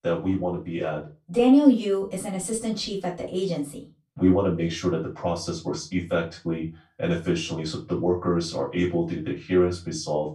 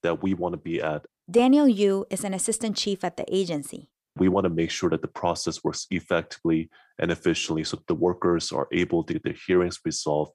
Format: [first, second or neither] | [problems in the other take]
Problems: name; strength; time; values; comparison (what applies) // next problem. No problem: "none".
second | room echo; slight; dies away in 0.2 s // off-mic speech; far